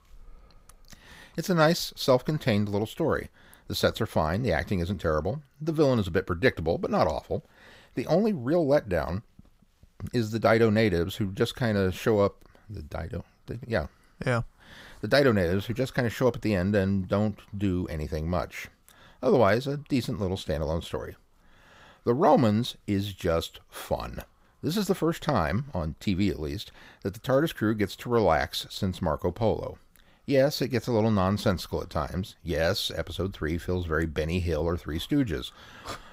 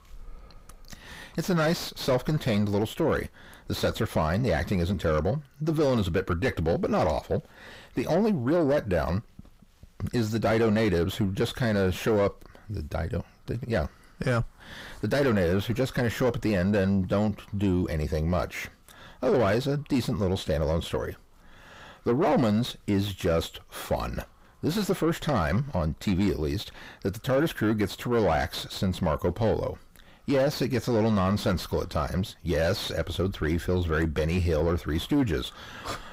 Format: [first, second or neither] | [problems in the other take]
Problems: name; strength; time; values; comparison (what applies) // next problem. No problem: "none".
first | distortion; heavy; 7 dB below the speech